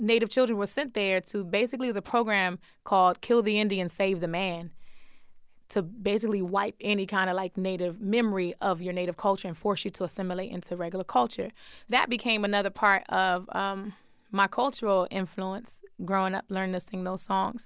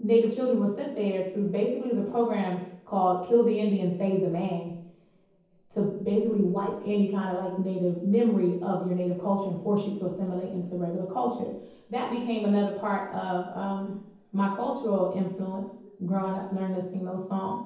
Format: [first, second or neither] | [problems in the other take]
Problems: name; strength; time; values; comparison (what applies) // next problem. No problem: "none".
first | room echo; dies away in 0.9 s